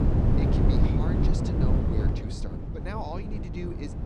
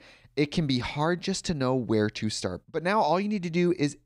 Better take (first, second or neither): second